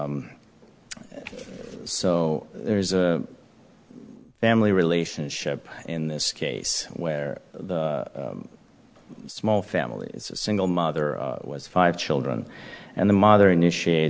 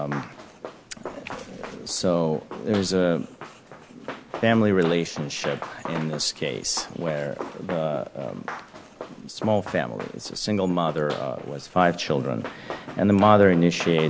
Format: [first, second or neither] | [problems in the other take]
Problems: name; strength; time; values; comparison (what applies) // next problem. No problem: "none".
first | background sound (Run); 14 dB below the speech